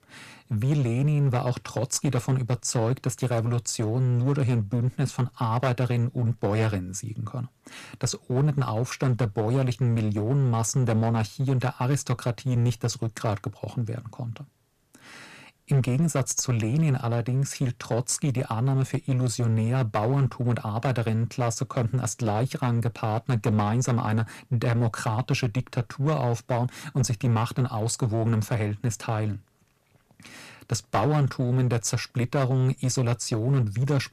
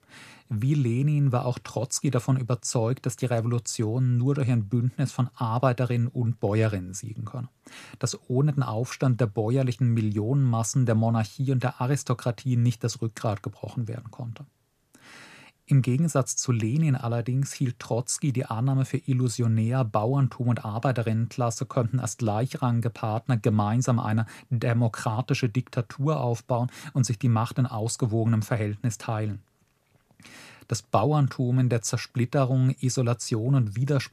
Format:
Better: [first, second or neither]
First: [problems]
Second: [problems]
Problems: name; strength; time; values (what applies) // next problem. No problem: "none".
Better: second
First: distortion; slight; 10% of the sound clipped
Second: none